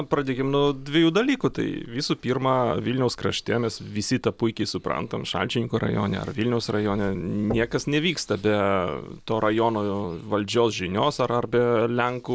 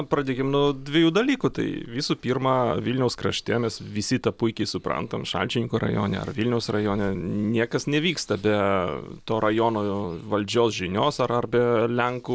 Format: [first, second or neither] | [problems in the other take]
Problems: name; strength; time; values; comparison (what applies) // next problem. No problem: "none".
second | background sound (Knock); 16 dB below the speech